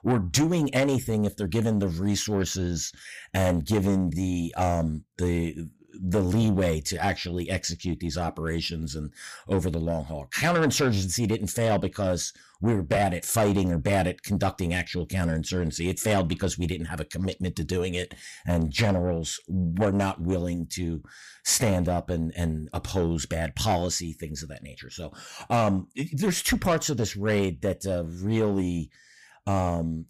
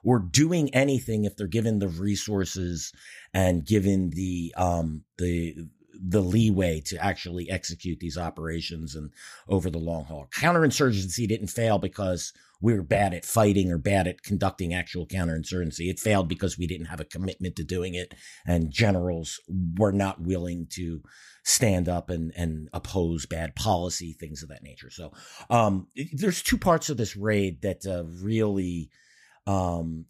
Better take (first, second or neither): second